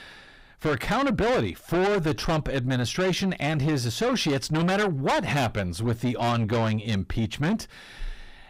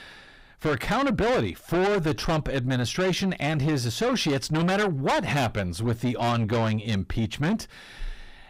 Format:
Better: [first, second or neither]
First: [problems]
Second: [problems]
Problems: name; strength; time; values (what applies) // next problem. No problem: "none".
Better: neither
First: distortion; heavy; 6 dB below the speech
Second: distortion; heavy; 6 dB below the speech